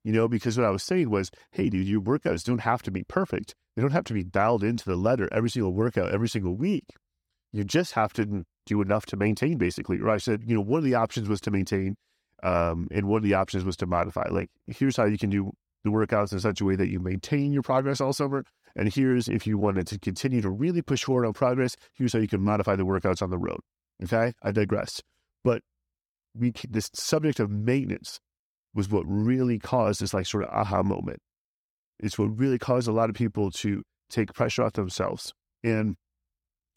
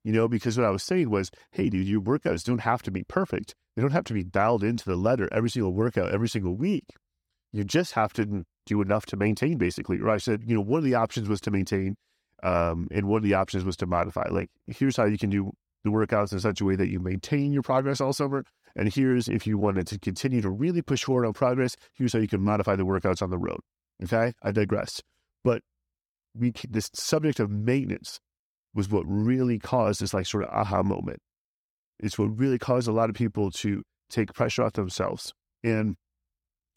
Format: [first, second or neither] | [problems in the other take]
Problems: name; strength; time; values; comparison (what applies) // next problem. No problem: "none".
neither | none